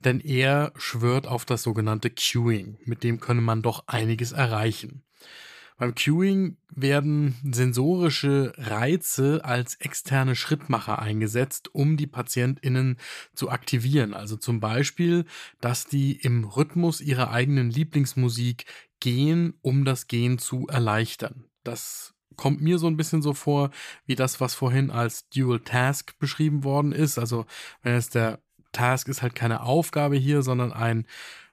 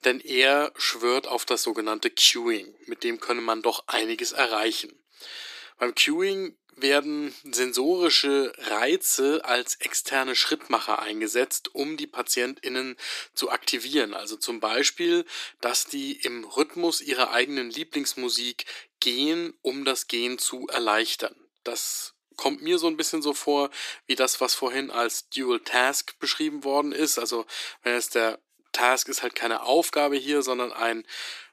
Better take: first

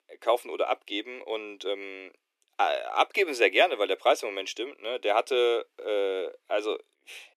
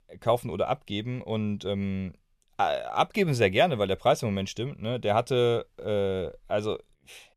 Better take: second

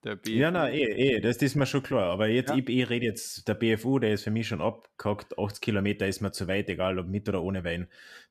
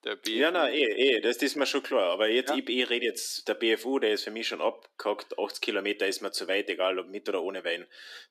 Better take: first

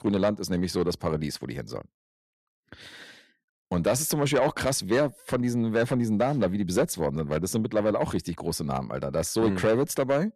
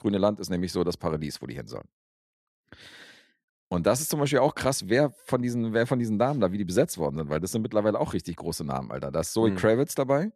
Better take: second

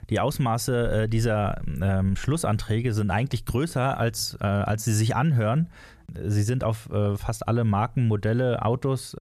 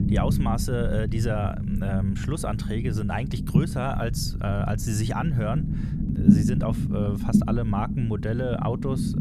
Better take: first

